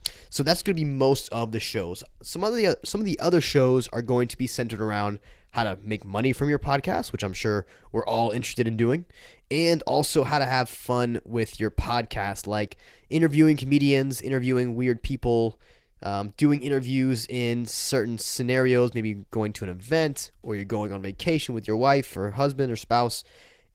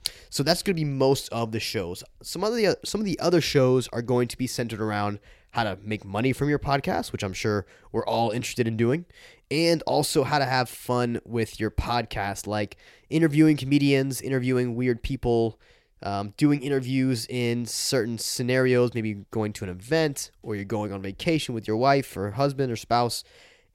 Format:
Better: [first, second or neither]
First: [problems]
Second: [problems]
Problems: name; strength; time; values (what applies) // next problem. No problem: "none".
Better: second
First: garbled, watery; slightly; nothing above 16 kHz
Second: none